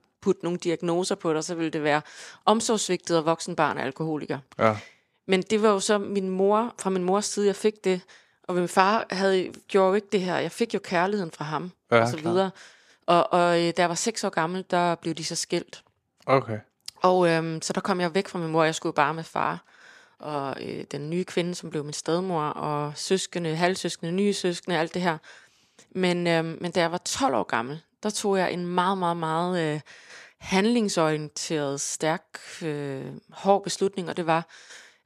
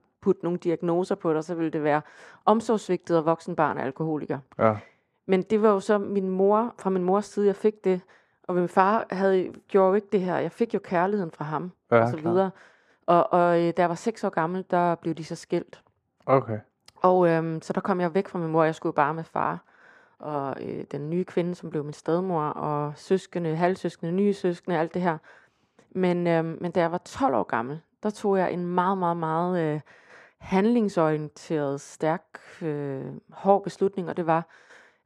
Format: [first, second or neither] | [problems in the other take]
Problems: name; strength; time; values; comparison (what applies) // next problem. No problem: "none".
first | muffled; very; fading above 2.5 kHz